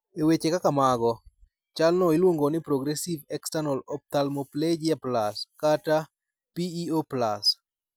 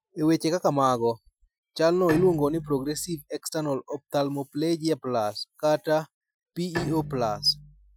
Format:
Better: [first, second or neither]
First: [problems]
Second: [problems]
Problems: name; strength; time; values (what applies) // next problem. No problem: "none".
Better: first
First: none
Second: noise reduction (classical method Wiener filter)